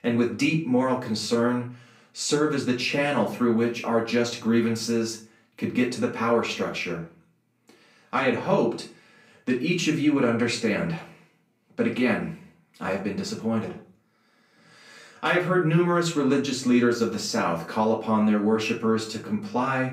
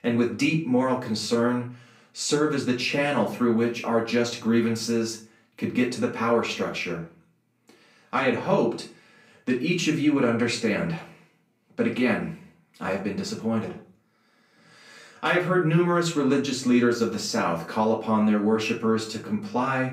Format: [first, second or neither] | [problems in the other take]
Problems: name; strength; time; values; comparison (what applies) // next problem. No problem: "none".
neither | off-mic speech; far; the same in both // room echo; slight; dies away in 0.3 s; the same in both